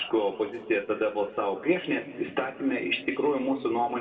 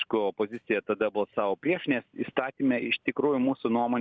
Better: second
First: room echo; dies away in 1.8 s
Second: none

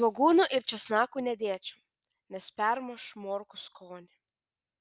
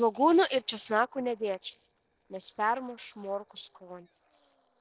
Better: first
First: none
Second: noise reduction (neural separator model SepFormer DNS4)

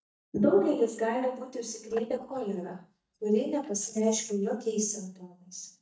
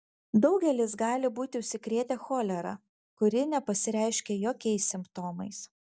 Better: second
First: noise reduction (neural mask model DeepFilterNet 3)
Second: none

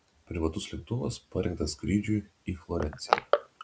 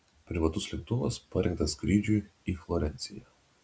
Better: second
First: background sound (Crushing); 3 dB below the speech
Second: none

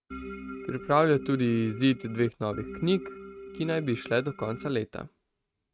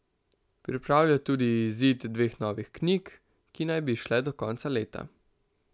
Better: second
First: noise reduction (neural mask model RNNoise)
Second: none

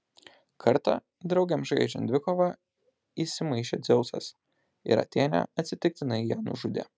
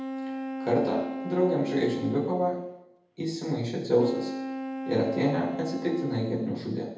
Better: first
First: none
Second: background sound (Wind instrument, woodwind instrument); 8 dB below the speech // room echo; dies away in 0.8 s

